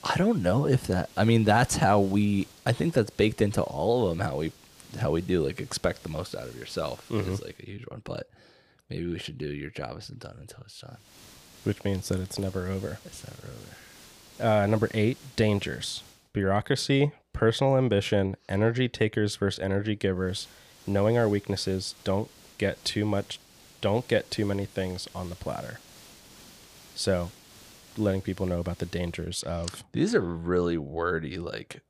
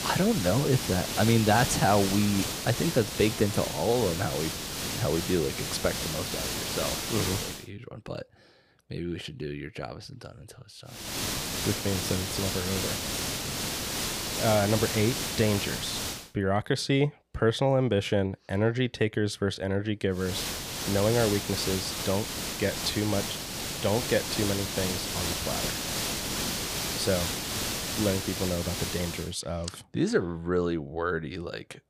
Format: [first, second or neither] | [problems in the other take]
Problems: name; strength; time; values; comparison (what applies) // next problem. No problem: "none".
first | hiss; loud; until 7.5 s, from 11 to 16 s and from 20 to 29 s; 2 dB below the speech; faint in the first